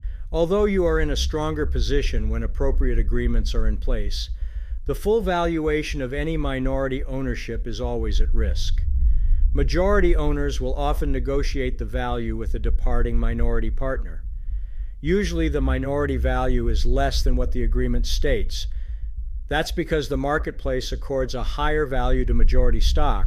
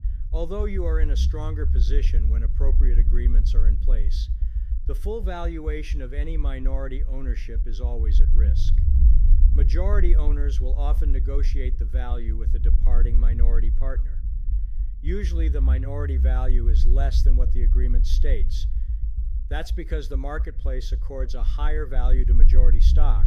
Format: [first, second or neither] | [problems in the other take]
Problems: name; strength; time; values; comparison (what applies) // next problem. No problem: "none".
first | low rumble; loud; throughout; 9 dB below the speech; faint in the first